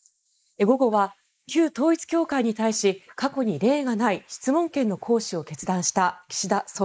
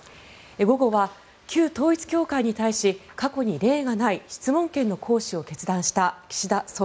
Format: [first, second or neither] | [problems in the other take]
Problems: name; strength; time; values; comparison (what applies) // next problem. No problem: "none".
second | noise reduction (neural mask model Resemble Enhance denoiser)